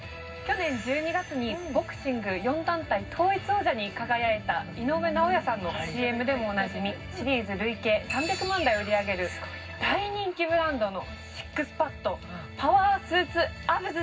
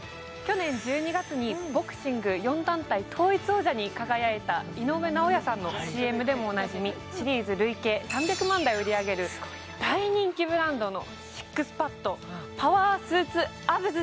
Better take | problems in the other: second | room echo; dies away in 0.4 s

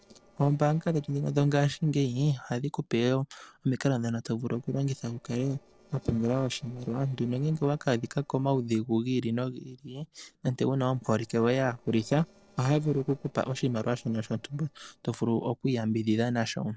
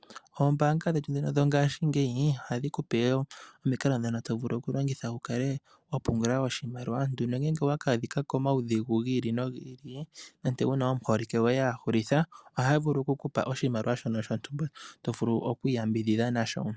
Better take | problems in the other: second | noise reduction (neural separator model SepFormer DNS4)

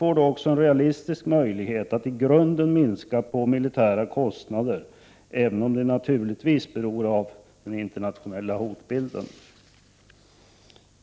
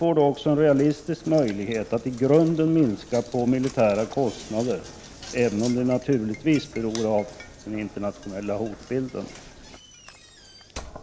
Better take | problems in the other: first | background sound (Knock); 19 dB below the speech

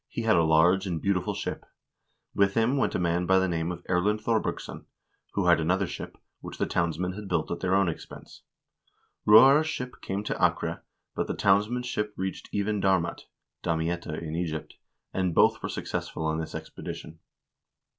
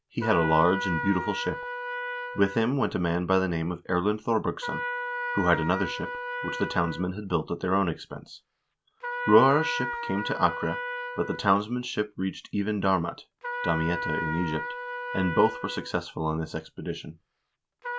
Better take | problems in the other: first | background sound (Trumpet); 8 dB below the speech

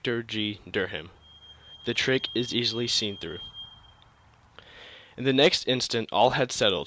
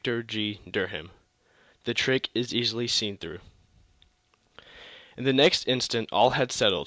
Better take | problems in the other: second | background sound (Squeak / Vehicle); 19 dB below the speech

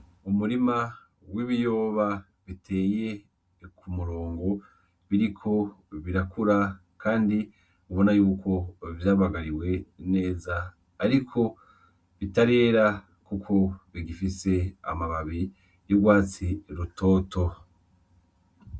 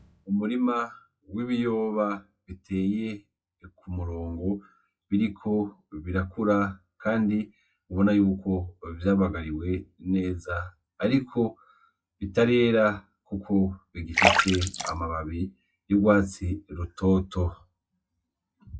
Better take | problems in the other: first | noise reduction (classical method log-MMSE)

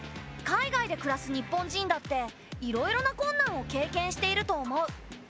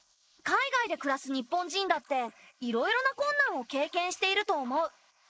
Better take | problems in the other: first | noise reduction (neural mask model Resemble Enhance denoiser)

